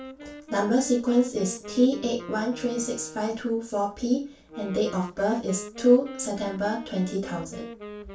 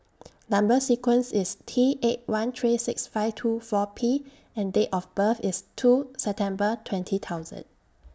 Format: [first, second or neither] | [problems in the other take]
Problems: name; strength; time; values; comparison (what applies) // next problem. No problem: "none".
second | background sound (Wind instrument, woodwind instrument); 15 dB below the speech // room echo; dies away in 0.3 s